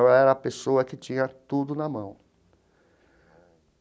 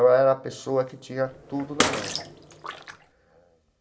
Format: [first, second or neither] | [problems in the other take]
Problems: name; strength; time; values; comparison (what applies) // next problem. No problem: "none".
first | background sound (Bathtub (filling or washing) / Water / Splash, splatter); 5 dB below the speech // room echo; dies away in 0.8 s